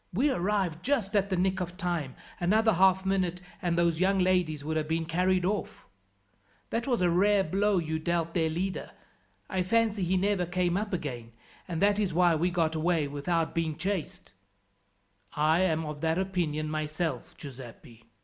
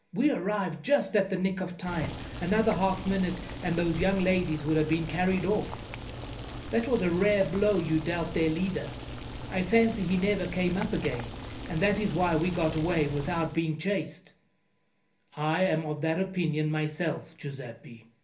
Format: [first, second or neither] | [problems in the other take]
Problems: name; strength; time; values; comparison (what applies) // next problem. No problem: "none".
first | background sound (Boiling); 11 dB below the speech // room echo; dies away in 0.3 s